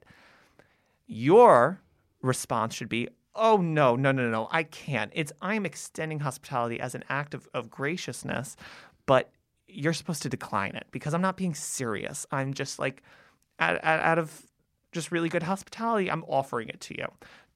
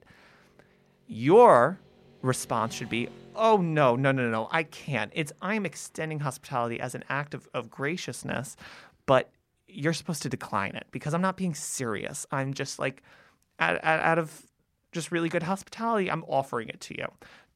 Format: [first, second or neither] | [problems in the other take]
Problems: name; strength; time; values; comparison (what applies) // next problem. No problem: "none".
first | traffic noise; faint; throughout; 25 dB below the speech